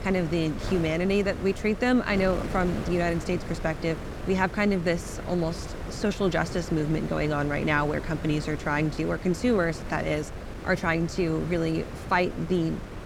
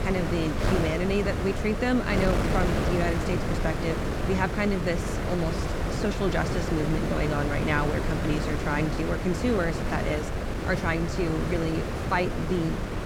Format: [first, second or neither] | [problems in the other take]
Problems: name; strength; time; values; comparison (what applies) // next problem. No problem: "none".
first | wind noise on the microphone; heavy; 2 dB below the speech; occasional gusts in the first